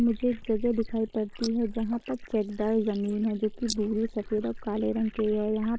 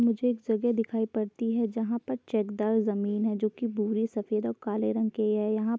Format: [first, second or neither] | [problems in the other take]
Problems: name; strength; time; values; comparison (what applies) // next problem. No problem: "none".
second | noise reduction (neural mask model Resemble Enhance denoiser)